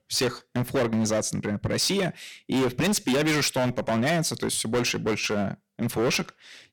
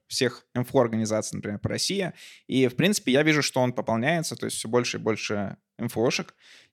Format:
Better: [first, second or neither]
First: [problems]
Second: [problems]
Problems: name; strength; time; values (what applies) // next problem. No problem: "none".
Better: second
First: distortion; heavy; 17% of the sound clipped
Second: none